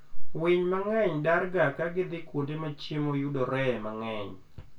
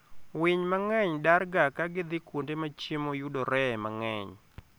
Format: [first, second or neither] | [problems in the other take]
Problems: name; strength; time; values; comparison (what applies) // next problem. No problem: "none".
second | room echo; dies away in 0.2 s